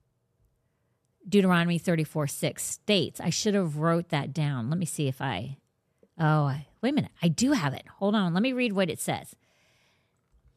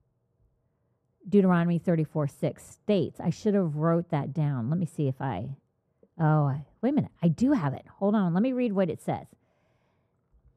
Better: first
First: none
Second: muffled; very; fading above 2 kHz

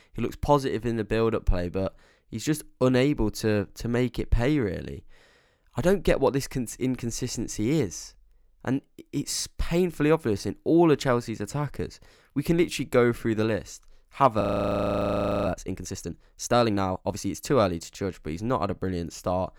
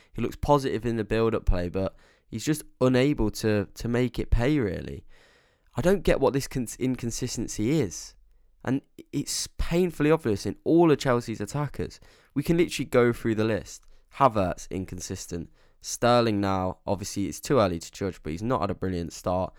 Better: second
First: audio freezing; at 14 s for 1 s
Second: none

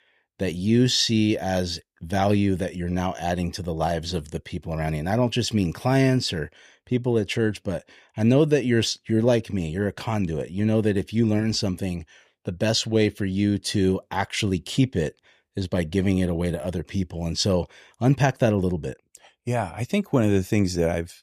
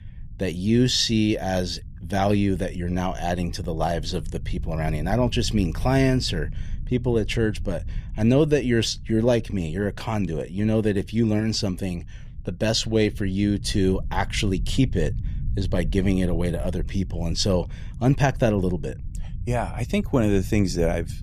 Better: first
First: none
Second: low rumble; faint; throughout; 25 dB below the speech

